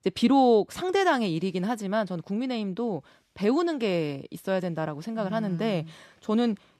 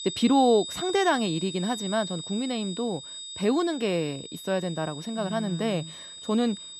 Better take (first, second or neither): first